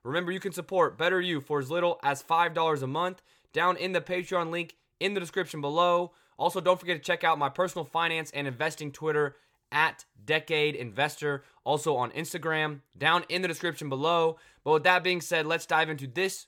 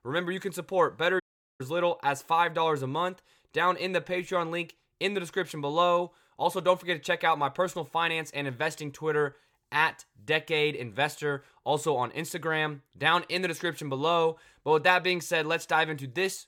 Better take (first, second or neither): first